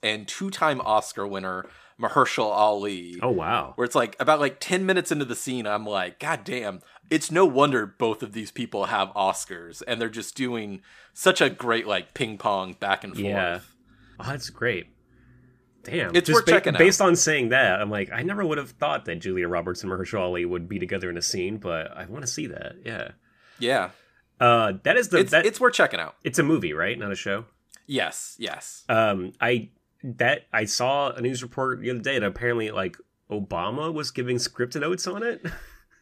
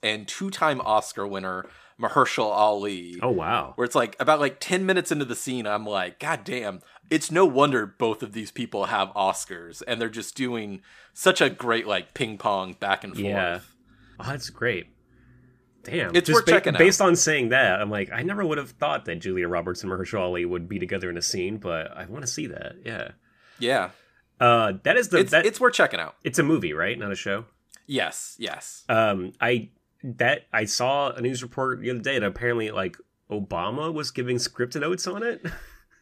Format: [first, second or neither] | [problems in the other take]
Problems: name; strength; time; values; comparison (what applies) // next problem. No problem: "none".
neither | none